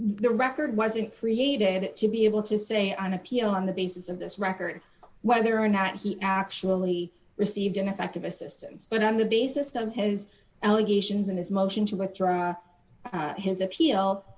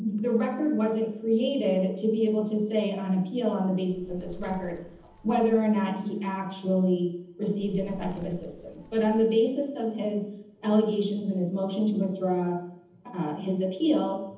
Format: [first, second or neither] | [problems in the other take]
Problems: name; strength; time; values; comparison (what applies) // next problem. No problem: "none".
first | background sound (Bird); 17 dB below the speech // room echo; dies away in 0.8 s